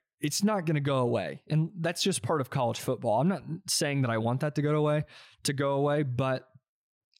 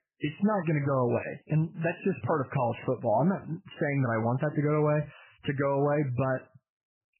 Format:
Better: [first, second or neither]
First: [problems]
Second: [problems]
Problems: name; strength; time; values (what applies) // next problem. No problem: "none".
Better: first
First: none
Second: garbled, watery; badly; nothing above 3 kHz